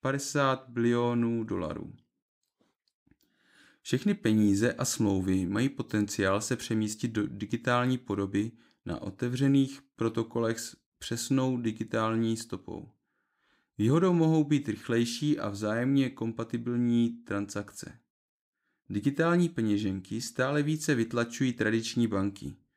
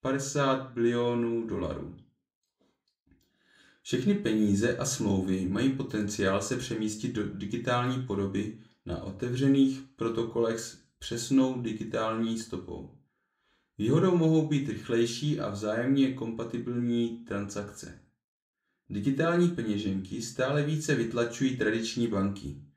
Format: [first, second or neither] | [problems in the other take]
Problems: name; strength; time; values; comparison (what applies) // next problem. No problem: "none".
first | room echo; very slight; dies away in 0.3 s // off-mic speech; somewhat distant